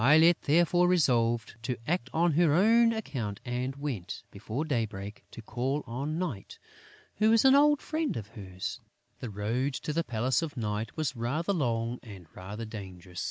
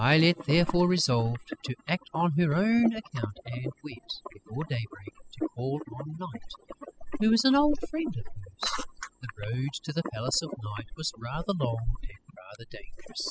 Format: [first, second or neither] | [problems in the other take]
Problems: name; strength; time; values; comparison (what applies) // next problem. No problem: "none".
first | noise reduction (classical method spectral subtraction)